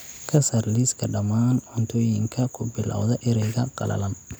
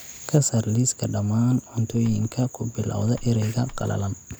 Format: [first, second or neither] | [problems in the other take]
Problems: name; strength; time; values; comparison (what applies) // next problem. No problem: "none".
first | background sound (Bird); 15 dB below the speech